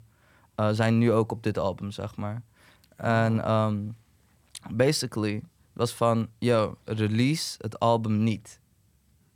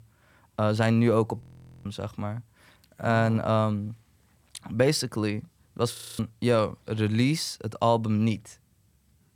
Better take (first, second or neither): first